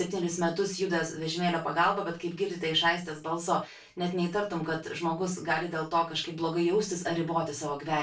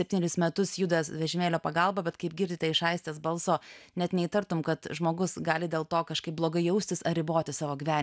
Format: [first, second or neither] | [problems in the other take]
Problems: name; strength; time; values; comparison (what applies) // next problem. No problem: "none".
second | room echo; dies away in 0.2 s